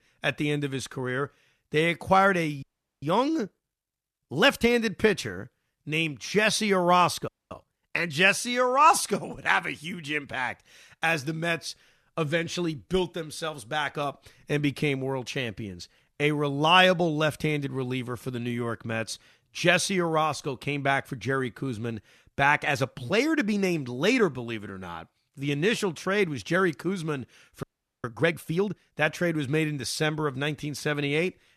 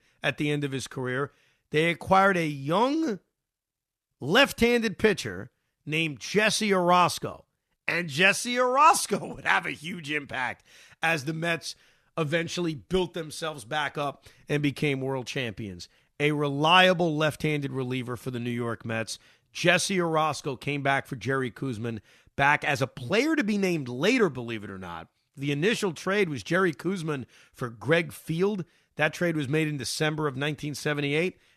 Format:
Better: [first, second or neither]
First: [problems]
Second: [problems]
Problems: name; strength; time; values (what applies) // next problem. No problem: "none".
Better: second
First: audio freezing; at 2.5 s, at 7.5 s and at 28 s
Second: none